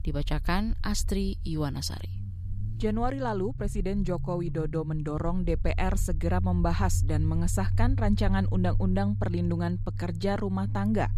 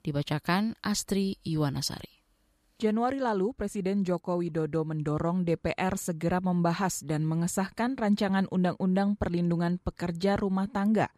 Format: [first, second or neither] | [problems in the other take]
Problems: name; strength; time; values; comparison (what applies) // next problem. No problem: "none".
second | low rumble; noticeable; throughout; 15 dB below the speech